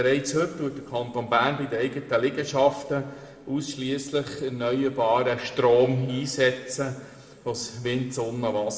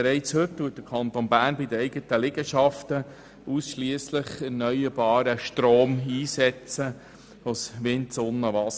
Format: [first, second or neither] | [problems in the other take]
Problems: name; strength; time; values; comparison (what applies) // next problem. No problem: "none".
second | room echo; dies away in 1.2 s